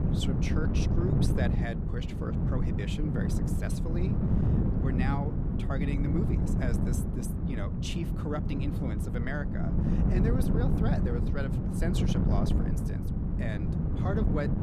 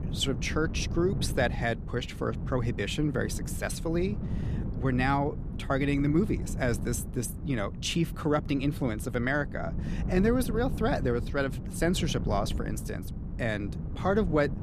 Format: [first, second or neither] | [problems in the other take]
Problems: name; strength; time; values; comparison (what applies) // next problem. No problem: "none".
second | wind noise on the microphone; heavy; 1 dB above the speech; occasional gusts in the second